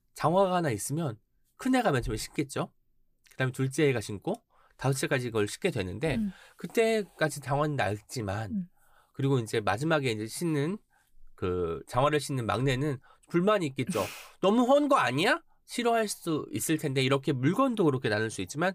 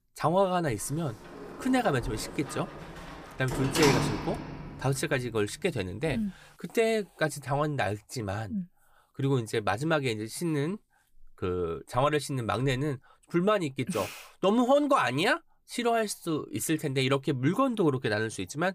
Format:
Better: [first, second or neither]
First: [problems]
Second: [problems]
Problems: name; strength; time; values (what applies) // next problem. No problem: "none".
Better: first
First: none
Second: door banging; loud; from 0.5 to 4.5 s; peak 3 dB above the speech